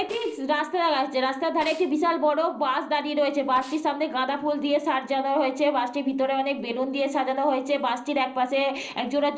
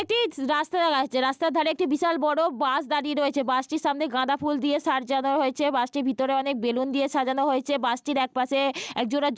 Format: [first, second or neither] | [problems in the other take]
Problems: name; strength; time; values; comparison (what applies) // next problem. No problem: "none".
second | noise reduction (neural separator model SepFormer DNS4)